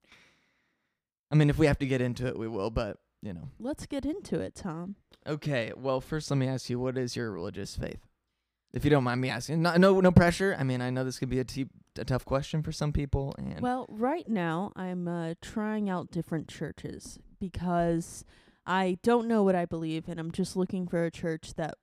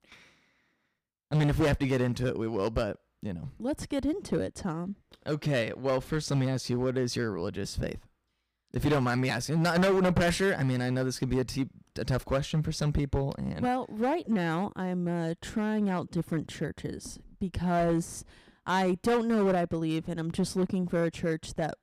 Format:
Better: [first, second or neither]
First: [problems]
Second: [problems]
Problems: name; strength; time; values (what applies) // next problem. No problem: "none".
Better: first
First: none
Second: distortion; heavy; 7% of the sound clipped